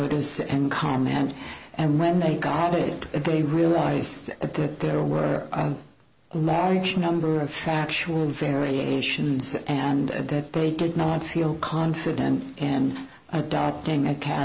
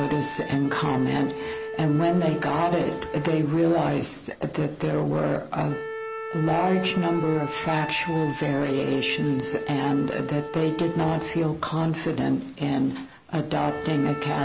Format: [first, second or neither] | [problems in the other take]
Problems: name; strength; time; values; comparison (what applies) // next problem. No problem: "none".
first | background sound (Wind instrument, woodwind instrument); 10 dB below the speech